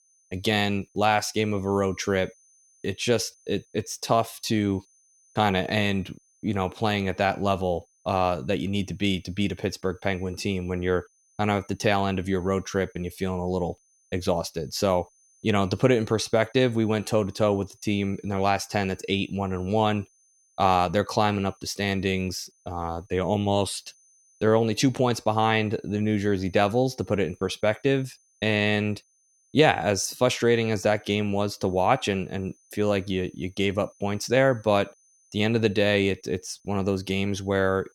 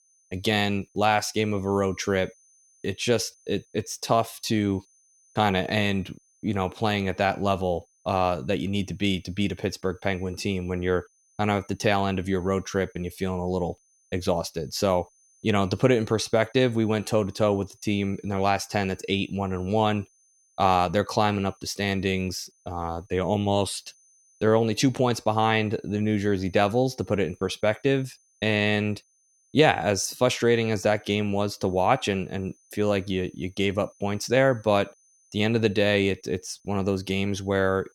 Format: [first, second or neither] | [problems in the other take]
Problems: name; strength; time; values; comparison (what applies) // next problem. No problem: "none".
neither | high-pitched whine; faint; throughout; 6 kHz, 35 dB below the speech; the same in both